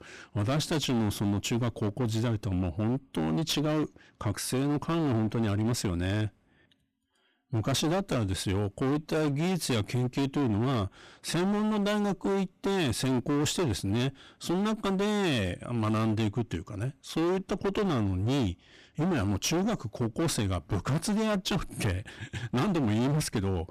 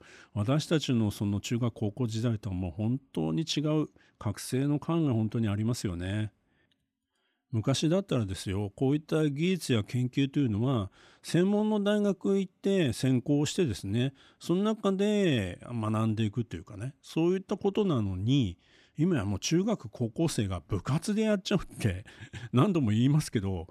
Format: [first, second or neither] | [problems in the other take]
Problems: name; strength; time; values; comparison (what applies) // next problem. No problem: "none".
second | distortion; heavy; 27% of the sound clipped